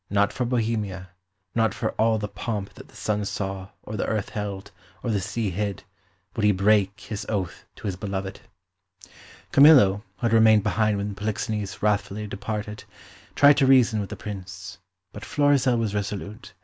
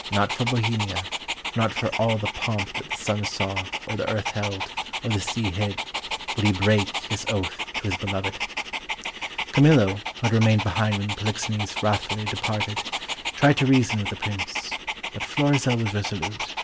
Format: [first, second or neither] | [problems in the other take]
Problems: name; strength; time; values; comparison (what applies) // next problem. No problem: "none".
first | background sound (Dog); 6 dB below the speech